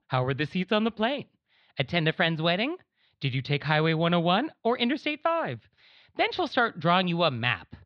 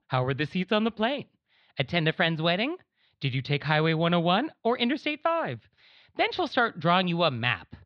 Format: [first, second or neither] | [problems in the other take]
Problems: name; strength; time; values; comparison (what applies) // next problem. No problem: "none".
neither | muffled; very slightly; fading above 4 kHz; the same in both